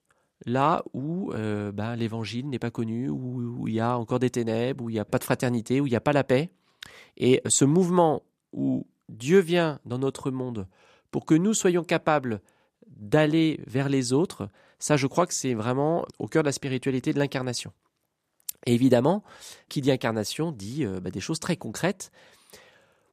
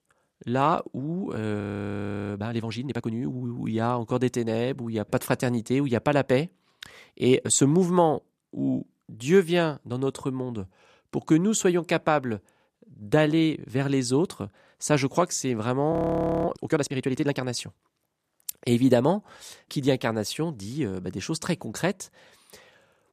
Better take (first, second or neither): first